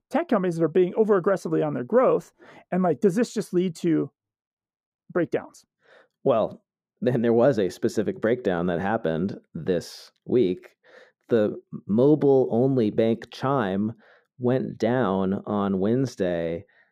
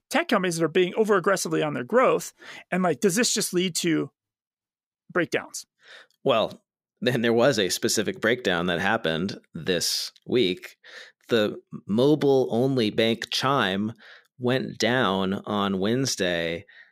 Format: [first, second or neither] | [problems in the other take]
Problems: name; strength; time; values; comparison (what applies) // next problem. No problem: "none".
second | muffled; very; fading above 1.5 kHz